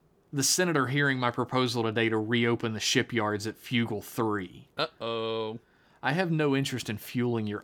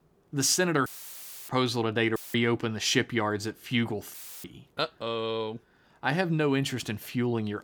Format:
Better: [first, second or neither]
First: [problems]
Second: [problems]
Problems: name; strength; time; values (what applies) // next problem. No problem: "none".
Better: first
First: none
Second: audio cutting out; filled with static; at 1 s for 0.5 s, at 2 s and at 4 s